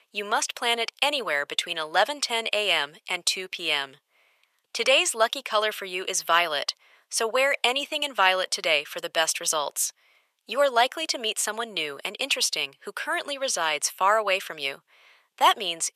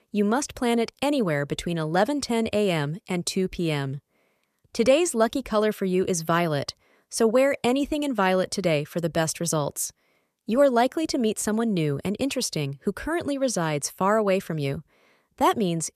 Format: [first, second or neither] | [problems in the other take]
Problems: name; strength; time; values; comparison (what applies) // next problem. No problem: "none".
second | thin; very; fading below 850 Hz